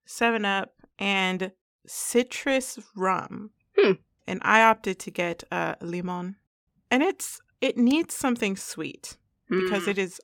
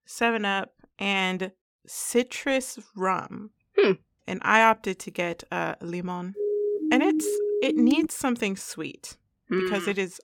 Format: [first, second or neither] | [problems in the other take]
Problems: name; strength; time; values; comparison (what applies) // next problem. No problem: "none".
first | siren; loud; from 6.5 to 8 s; peak 1 dB above the speech